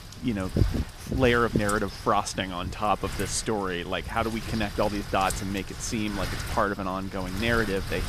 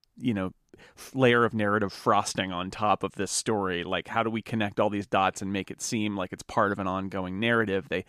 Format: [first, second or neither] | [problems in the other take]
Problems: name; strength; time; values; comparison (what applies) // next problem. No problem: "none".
second | wind noise on the microphone; occasional gusts; 10 dB below the speech